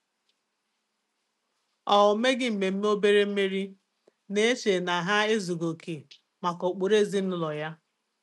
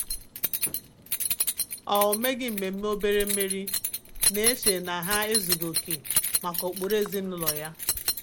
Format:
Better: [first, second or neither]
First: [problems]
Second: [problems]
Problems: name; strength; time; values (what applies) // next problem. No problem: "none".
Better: first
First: none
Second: background sound (Keys jangling); as loud as the speech